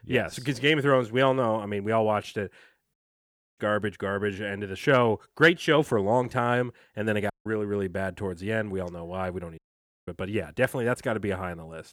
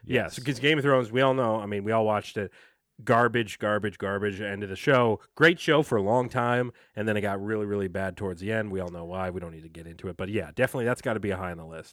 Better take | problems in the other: second | audio cutting out; at 3 s for 0.5 s, at 7.5 s and at 9.5 s

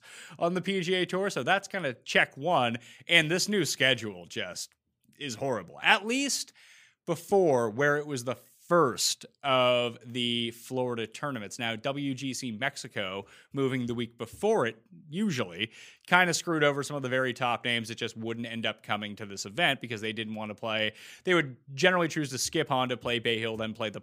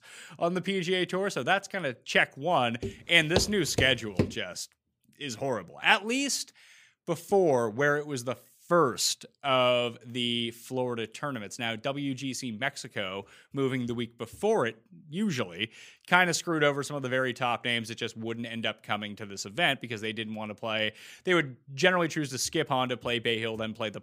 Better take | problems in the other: first | footsteps; noticeable; from 3 to 4.5 s; peak 3 dB below the speech

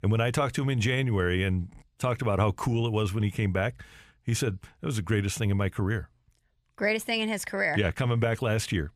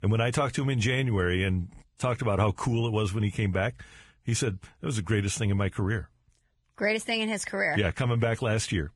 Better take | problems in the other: first | garbled, watery; badly; nothing above 10.5 kHz

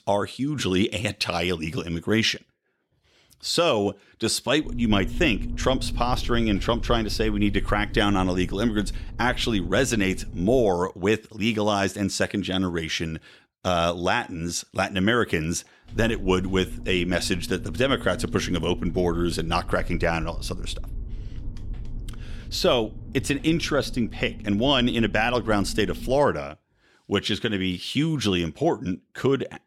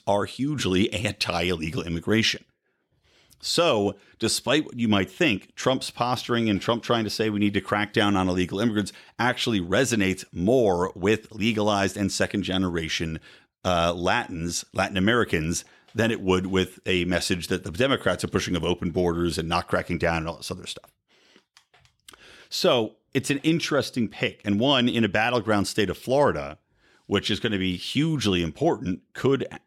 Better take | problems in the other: second | low rumble; faint; from 4.5 to 11 s and from 16 to 26 s; 20 dB below the speech

